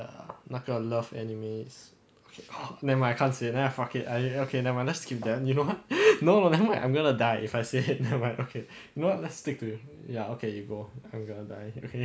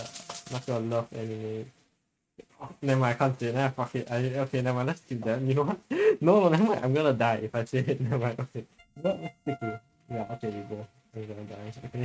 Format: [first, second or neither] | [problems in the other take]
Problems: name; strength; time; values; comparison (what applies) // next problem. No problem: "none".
first | noise reduction (neural mask model RNNoise)